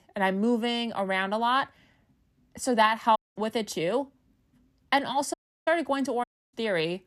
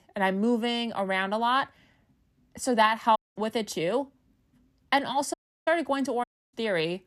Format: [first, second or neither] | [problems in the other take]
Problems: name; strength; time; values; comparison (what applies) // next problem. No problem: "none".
neither | audio cutting out; at 3 s, at 5.5 s and at 6 s; the same in both